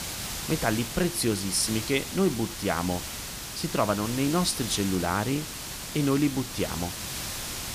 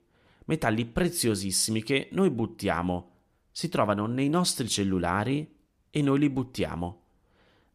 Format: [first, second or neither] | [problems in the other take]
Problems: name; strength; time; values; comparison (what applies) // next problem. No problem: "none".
second | hiss; loud; throughout; 6 dB below the speech